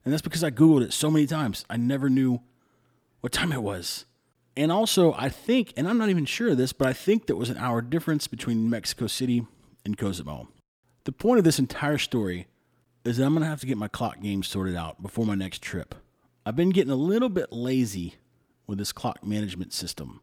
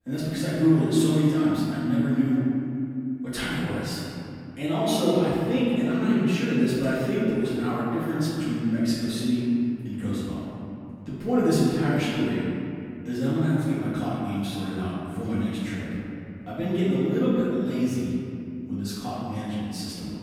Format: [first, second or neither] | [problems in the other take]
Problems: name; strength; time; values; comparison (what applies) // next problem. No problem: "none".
first | off-mic speech; far // room echo; strong; dies away in 2.6 s